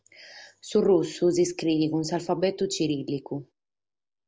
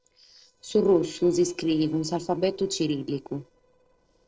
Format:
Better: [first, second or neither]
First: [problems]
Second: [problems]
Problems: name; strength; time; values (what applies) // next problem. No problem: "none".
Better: first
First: none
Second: noise reduction (neural separator model SepFormer DNS4)